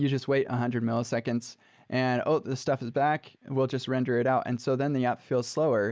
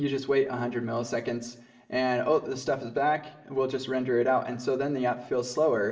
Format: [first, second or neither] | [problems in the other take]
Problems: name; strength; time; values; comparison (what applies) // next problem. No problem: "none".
first | room echo; dies away in 0.6 s